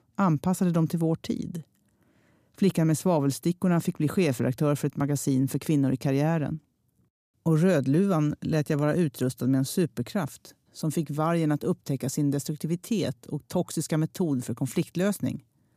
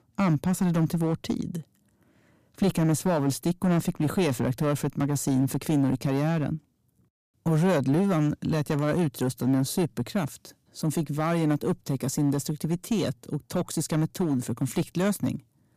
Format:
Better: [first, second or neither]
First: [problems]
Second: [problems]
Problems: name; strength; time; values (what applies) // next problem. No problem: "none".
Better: first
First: none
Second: distortion; slight; 7% of the sound clipped